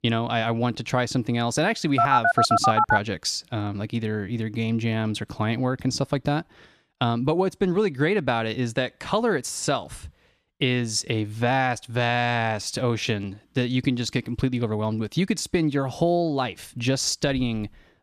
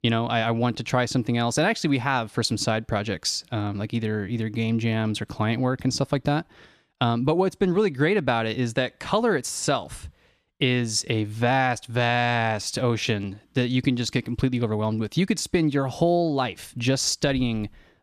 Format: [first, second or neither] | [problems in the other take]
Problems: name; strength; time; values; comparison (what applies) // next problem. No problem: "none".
second | phone ringing; loud; from 2 to 3 s; peak 5 dB above the speech